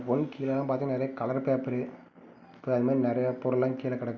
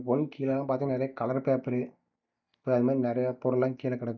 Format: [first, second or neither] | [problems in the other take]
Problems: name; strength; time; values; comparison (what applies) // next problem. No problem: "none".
first | noise reduction (neural mask model DeepFilterNet 3)